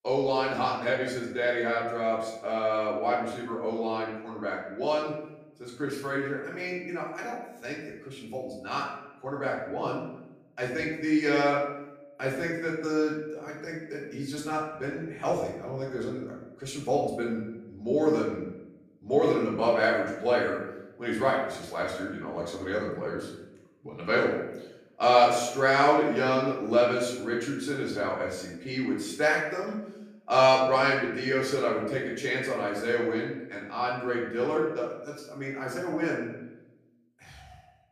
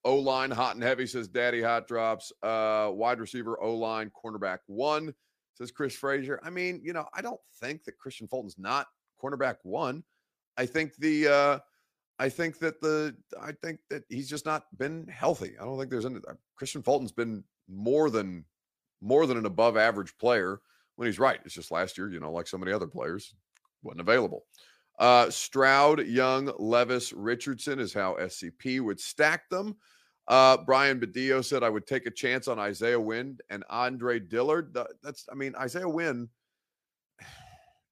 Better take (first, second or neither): second